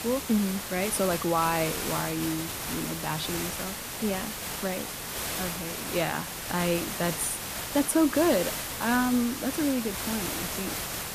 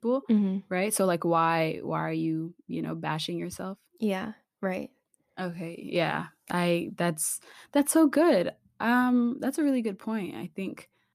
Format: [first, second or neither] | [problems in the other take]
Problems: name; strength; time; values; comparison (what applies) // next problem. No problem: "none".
second | hiss; loud; throughout; 3 dB below the speech